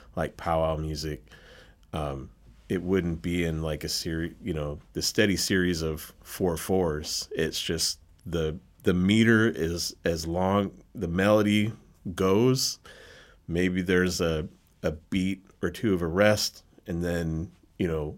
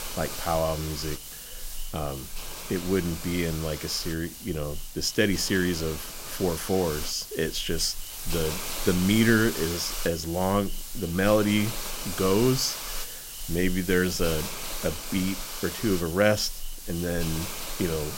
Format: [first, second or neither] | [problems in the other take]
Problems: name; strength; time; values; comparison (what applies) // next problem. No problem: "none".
first | hiss; loud; throughout; 7 dB below the speech